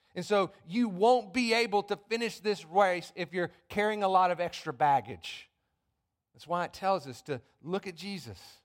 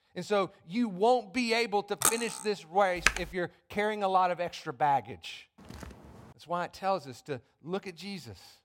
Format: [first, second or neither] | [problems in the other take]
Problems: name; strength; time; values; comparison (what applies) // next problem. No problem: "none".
first | clattering dishes; loud; at 2 s; peak 3 dB above the speech // keyboard typing; loud; at 3 s; peak 3 dB above the speech // footsteps; faint; at 5.5 s; peak 15 dB below the speech